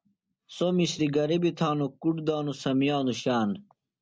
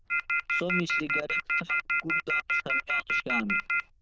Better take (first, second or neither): first